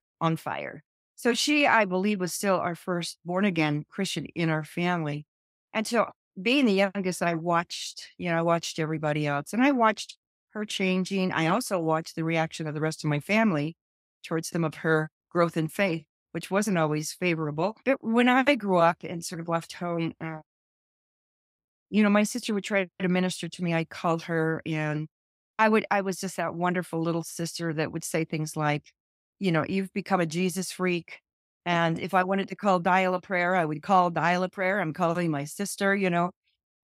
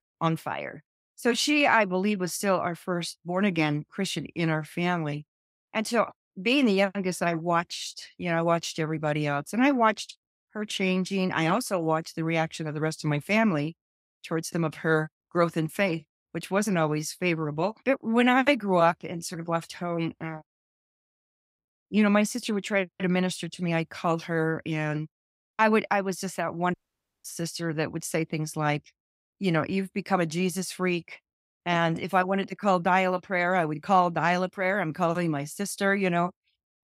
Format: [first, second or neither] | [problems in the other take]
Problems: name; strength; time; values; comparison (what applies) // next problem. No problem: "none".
first | audio cutting out; at 27 s for 0.5 s